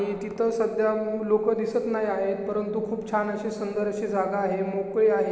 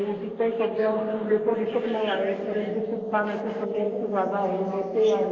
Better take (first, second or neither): first